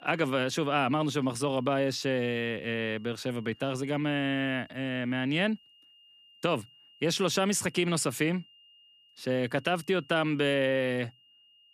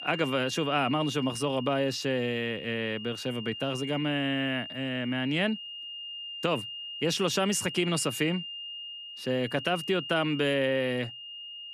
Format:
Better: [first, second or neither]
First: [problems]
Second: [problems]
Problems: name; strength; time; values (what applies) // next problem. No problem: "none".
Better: first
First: high-pitched whine; faint; throughout; 3 kHz, 30 dB below the speech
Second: high-pitched whine; loud; throughout; 3 kHz, 9 dB below the speech